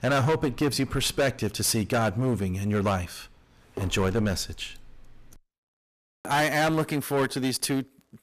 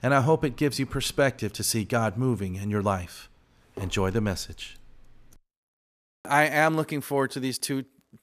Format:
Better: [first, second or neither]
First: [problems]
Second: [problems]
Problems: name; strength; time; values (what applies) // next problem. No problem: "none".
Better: second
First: distortion; heavy; 10% of the sound clipped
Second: none